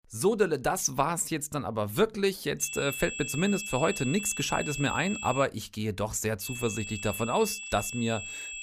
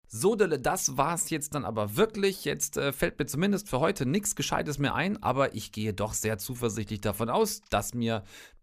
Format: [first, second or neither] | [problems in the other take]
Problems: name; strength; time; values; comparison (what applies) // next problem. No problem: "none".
second | high-pitched whine; loud; from 2.5 to 5.5 s and from 6.5 s on; 2.5 kHz, 7 dB below the speech